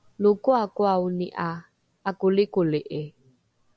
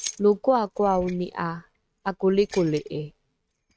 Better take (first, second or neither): first